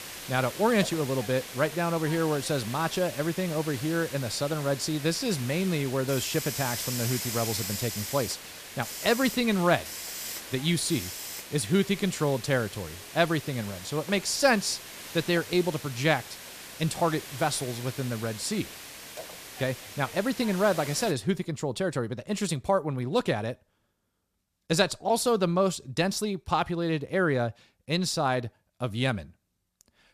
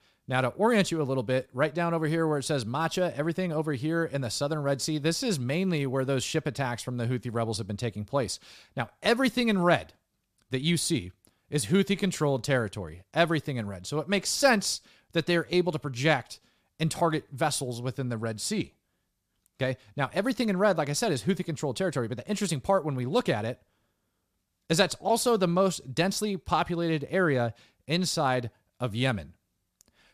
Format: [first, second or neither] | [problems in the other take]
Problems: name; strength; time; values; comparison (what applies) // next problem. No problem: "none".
second | hiss; loud; until 21 s; 9 dB below the speech